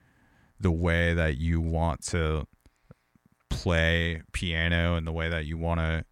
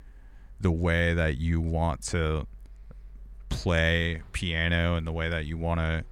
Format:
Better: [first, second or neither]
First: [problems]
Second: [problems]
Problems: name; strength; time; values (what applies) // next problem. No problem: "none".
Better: first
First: none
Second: traffic noise; faint; throughout; 25 dB below the speech